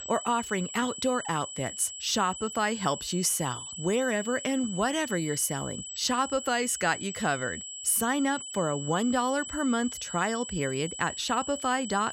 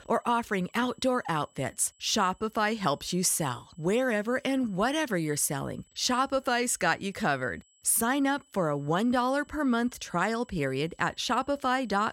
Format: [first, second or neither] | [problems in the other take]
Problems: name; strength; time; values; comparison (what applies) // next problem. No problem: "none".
second | high-pitched whine; loud; throughout; 8 kHz, 8 dB below the speech; faint in the second